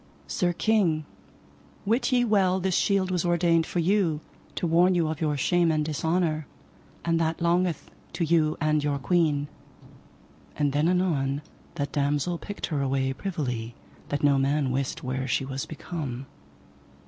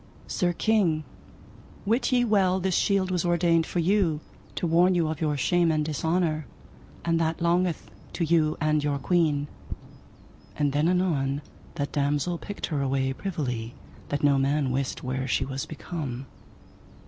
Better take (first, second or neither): first